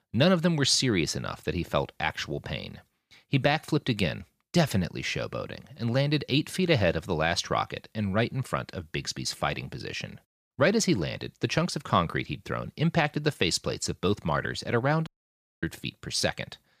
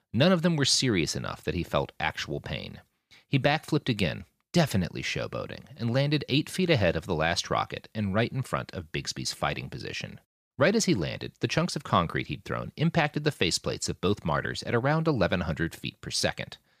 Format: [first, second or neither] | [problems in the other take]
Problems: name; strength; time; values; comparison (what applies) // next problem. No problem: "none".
second | audio cutting out; at 15 s for 0.5 s